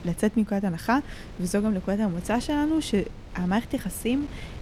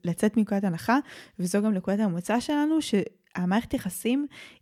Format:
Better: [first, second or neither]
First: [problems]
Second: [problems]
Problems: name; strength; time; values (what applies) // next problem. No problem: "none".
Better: second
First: wind noise on the microphone; occasional gusts; 20 dB below the speech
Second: none